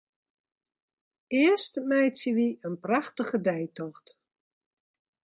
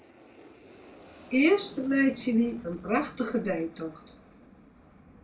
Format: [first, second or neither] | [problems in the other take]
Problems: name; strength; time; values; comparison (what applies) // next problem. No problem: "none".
first | background sound (Aircraft); 19 dB below the speech // room echo; dies away in 0.3 s